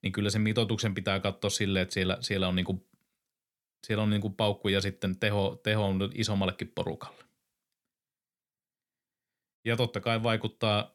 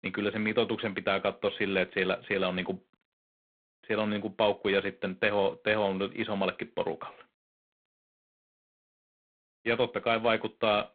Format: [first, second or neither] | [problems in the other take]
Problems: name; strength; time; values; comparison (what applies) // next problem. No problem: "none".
first | phone-call audio; poor line